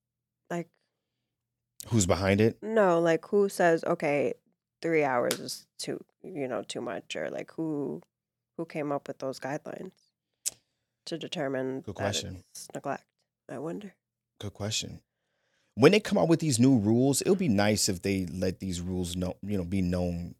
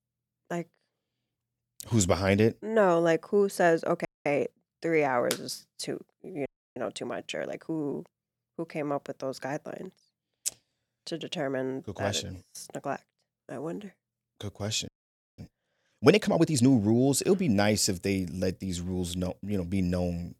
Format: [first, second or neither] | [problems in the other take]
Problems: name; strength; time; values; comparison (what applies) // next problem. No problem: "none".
first | audio freezing; at 4 s, at 6.5 s and at 15 s for 0.5 s